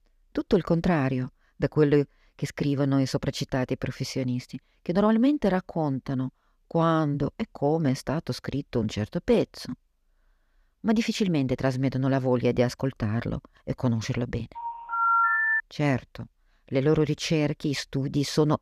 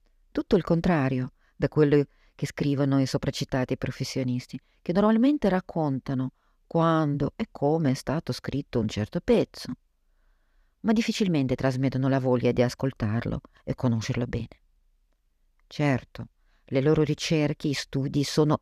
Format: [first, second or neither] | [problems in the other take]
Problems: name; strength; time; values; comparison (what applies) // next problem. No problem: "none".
second | phone ringing; loud; from 15 to 16 s; peak 6 dB above the speech